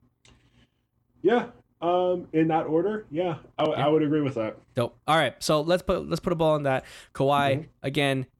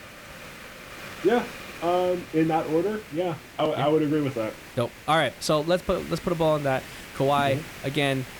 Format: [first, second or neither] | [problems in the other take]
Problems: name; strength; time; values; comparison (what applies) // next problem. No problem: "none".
first | hiss; noticeable; throughout; 15 dB below the speech